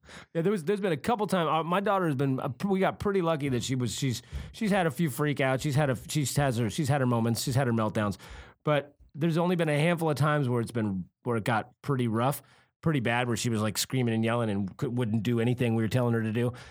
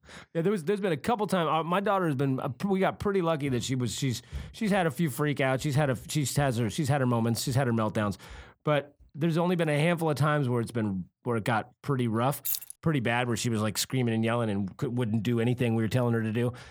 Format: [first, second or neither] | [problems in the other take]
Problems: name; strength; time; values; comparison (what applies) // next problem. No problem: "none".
first | jangling keys; noticeable; at 12 s; peak 2 dB below the speech